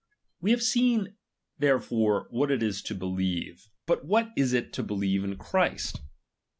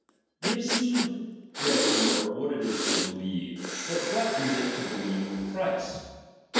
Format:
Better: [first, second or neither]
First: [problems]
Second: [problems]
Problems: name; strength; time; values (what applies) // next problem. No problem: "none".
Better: first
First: none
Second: background sound (Breathing); 1 dB below the speech // room echo; dies away in 1.2 s